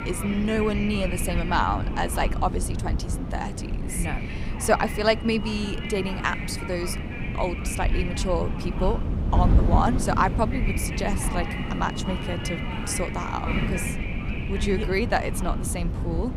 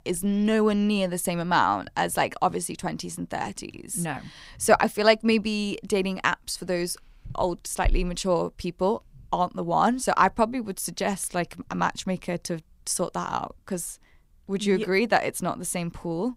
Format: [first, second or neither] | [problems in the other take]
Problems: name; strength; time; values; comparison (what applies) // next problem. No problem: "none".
second | wind noise on the microphone; heavy; 7 dB below the speech